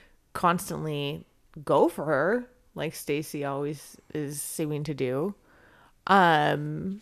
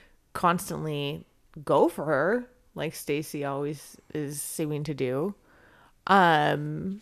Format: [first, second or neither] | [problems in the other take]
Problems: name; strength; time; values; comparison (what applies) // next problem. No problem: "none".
neither | none